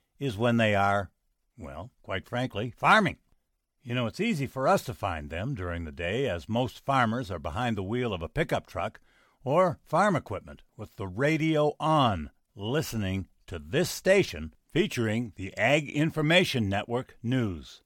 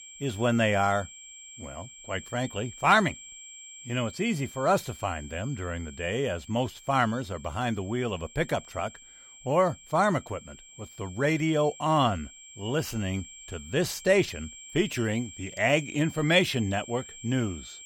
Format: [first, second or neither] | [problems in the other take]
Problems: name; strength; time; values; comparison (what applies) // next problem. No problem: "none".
first | high-pitched whine; noticeable; throughout; 7.5 kHz, 15 dB below the speech